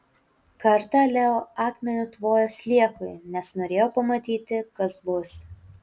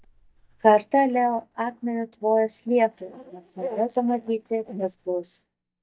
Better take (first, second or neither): first